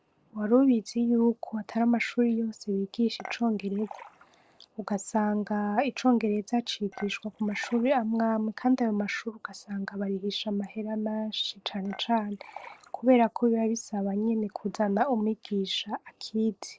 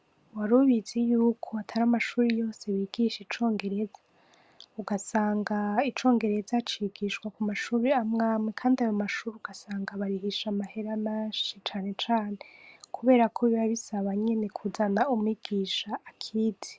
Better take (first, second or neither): second